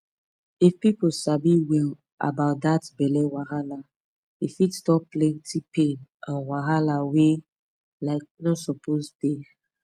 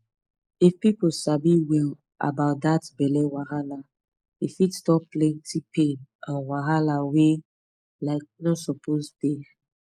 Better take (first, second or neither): first